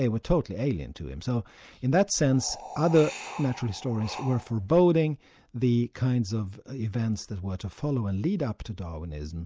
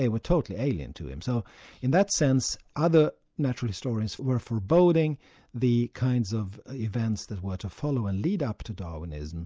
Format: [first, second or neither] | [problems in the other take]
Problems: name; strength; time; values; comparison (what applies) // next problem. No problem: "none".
second | background sound (Wind); 14 dB below the speech